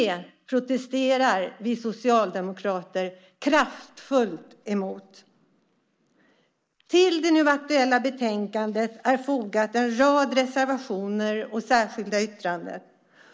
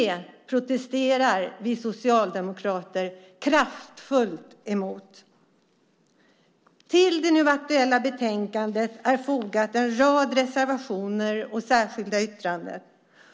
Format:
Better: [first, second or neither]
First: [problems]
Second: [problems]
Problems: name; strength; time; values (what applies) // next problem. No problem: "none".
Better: second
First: noise reduction (neural mask model Resemble Enhance denoiser)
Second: none